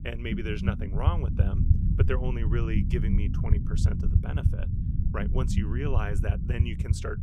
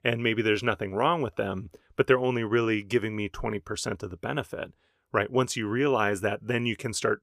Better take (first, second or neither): second